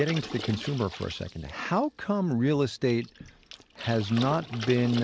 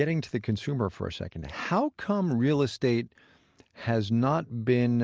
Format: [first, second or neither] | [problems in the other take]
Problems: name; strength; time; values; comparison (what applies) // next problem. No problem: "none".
second | background sound (Water / Splash, splatter); 14 dB below the speech